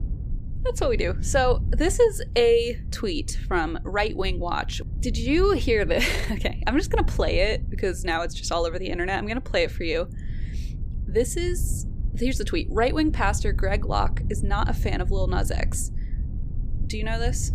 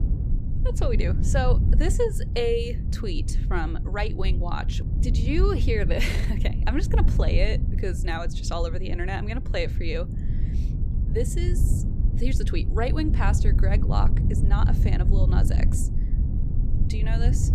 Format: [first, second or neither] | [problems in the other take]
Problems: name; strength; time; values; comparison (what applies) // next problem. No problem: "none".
first | low rumble; loud; throughout; 9 dB below the speech; faint in the first